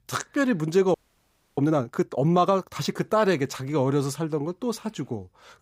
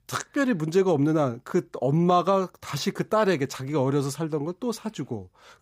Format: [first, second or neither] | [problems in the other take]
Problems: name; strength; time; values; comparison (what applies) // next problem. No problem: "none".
second | audio freezing; at 1 s for 0.5 s